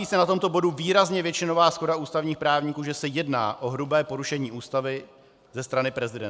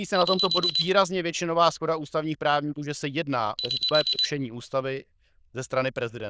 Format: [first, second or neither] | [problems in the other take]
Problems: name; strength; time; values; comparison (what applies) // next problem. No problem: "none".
first | noise reduction (neural diffusion model UNIVERSE++)